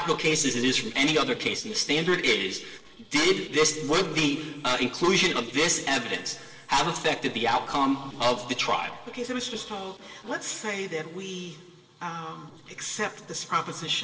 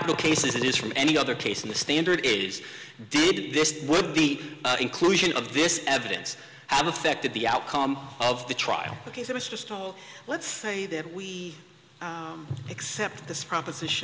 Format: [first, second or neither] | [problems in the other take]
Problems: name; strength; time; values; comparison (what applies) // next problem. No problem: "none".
second | noise reduction (neural separator model SepFormer DNS4)